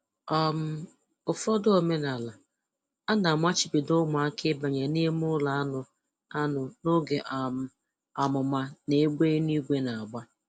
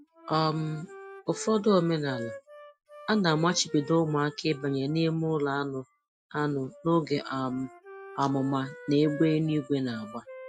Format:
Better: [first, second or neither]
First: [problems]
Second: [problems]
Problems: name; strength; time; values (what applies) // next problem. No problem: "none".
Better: first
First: none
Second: noise reduction (classical method Wiener filter)